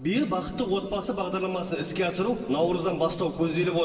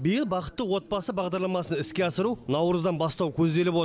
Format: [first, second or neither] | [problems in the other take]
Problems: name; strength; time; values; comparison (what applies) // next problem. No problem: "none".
second | room echo; dies away in 2.3 s